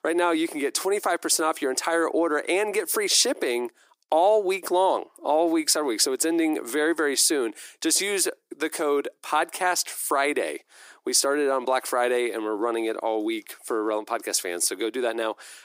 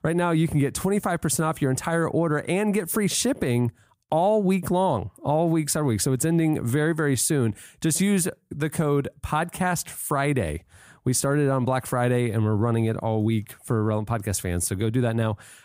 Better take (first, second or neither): second